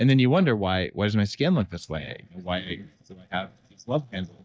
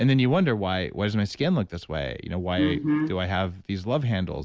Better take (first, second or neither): second